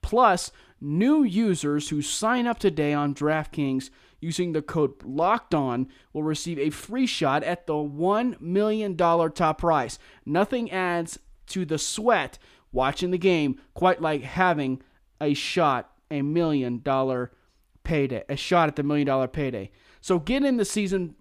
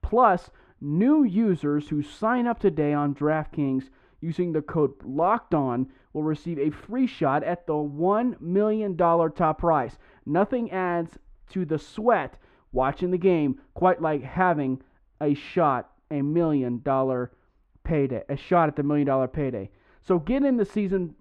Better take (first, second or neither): first